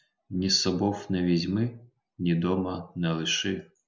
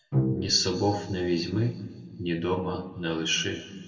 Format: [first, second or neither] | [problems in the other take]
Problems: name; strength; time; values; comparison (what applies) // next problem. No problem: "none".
first | background sound (Bowed string instrument); 6 dB below the speech // room echo; dies away in 1.8 s